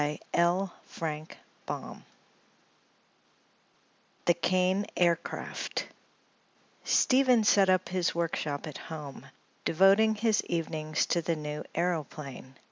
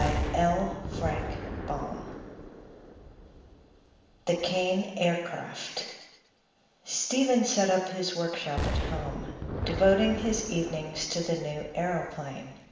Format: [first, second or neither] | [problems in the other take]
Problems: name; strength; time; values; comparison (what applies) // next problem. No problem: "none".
first | background sound (Explosion); 7 dB below the speech // room echo; dies away in 1 s